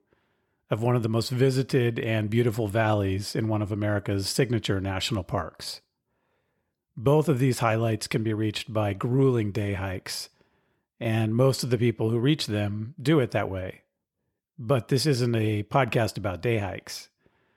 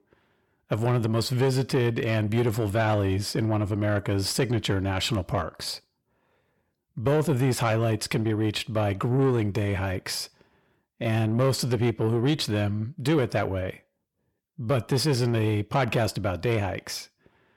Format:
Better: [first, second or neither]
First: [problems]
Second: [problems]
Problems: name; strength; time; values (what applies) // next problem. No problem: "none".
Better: first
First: none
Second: distortion; slight; 10 dB below the speech